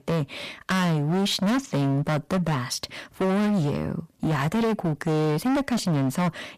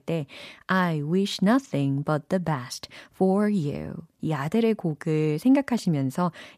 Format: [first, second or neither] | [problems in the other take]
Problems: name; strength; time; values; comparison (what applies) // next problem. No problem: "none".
second | distortion; heavy; 28% of the sound clipped